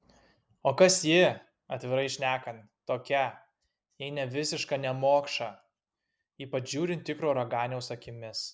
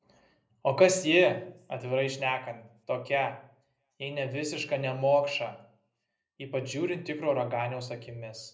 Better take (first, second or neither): first